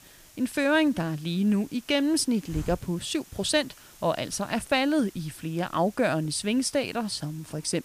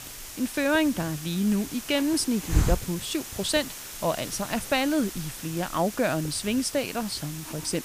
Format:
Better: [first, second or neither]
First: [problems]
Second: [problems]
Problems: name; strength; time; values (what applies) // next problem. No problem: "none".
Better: first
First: hiss; faint; throughout; 20 dB below the speech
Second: hiss; loud; throughout; 8 dB below the speech